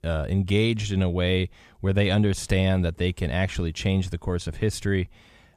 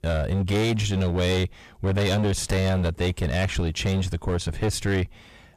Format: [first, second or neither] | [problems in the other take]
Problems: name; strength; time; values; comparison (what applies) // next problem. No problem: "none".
first | distortion; heavy; 20% of the sound clipped